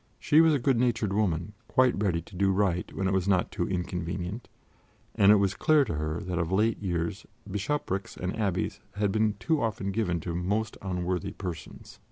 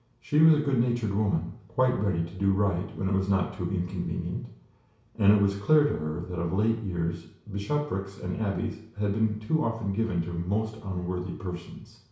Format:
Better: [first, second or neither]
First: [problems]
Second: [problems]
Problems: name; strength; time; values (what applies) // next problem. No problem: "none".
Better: first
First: none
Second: room echo; dies away in 0.6 s